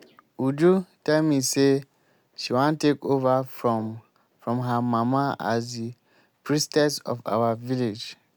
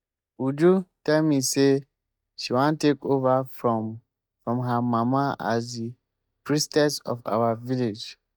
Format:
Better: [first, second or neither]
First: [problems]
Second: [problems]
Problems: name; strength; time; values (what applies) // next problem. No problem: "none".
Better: first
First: none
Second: noise reduction (neural mask model DeepFilterNet 3)